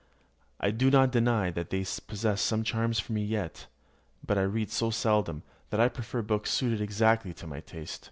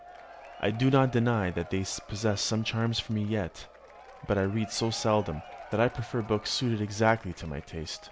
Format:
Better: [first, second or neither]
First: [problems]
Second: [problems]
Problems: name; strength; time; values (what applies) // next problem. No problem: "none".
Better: first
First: none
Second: background sound (Applause / Crowd / Cheering); 19 dB below the speech